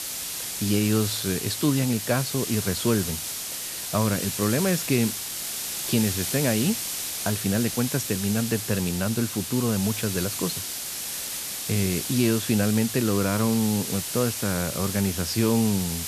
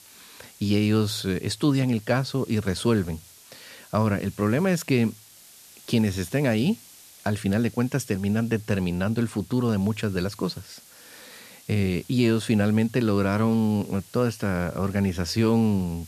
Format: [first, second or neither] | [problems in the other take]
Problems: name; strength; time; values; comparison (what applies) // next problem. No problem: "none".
second | hiss; loud; throughout; 3 dB below the speech; faint in the second